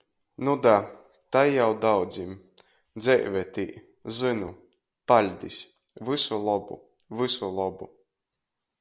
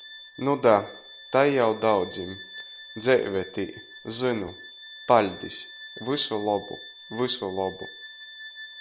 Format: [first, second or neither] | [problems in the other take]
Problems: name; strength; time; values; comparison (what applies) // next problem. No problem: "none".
first | background sound (Bowed string instrument); 16 dB below the speech